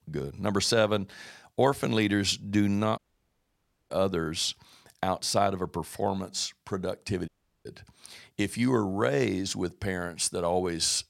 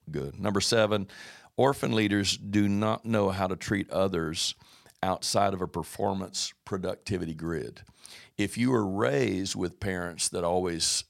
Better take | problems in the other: second | audio cutting out; at 3 s for 1 s and at 7.5 s

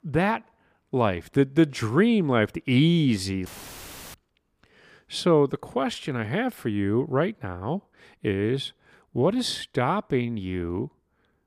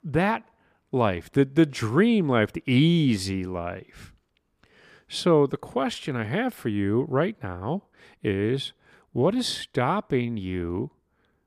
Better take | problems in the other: second | audio cutting out; filled with static; at 3.5 s for 0.5 s

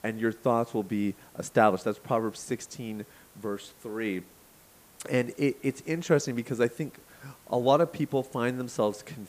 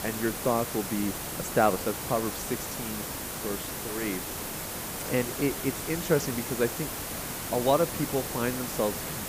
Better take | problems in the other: first | hiss; loud; throughout; 3 dB below the speech; faint in the first

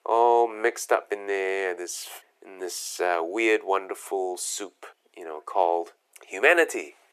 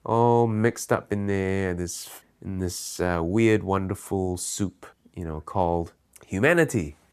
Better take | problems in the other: second | thin; very; fading below 350 Hz

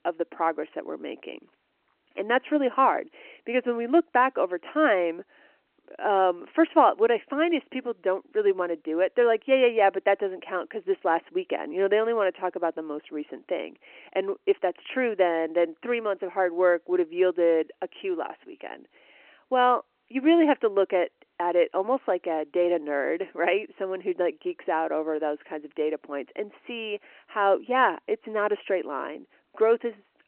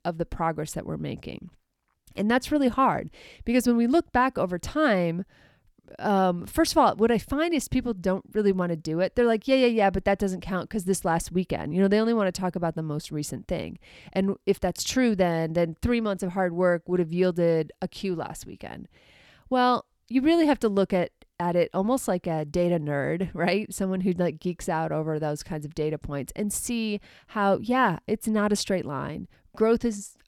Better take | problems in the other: second | phone-call audio

